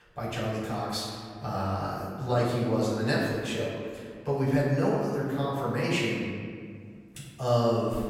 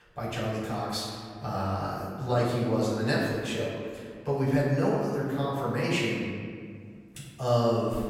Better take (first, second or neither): neither